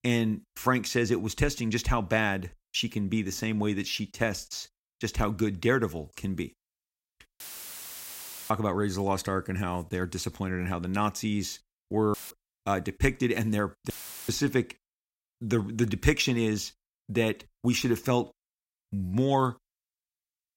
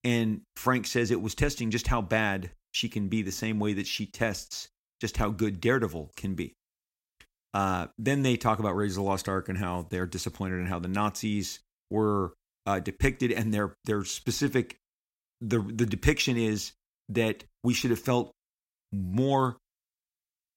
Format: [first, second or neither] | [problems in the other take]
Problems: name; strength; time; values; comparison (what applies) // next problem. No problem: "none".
second | audio cutting out; filled with static; at 7.5 s for 1 s, at 12 s and at 14 s